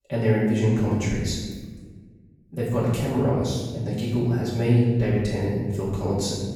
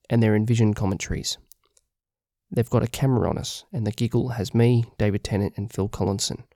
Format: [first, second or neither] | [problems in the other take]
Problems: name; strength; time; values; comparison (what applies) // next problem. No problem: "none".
second | off-mic speech; far // room echo; strong; dies away in 1.4 s